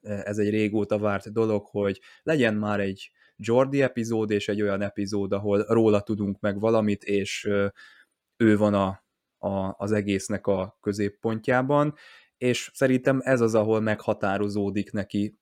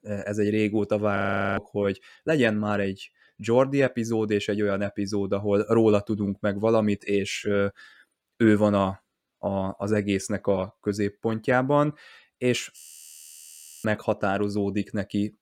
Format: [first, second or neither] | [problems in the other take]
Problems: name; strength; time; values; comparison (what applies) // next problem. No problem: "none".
first | audio freezing; at 1 s and at 13 s for 1 s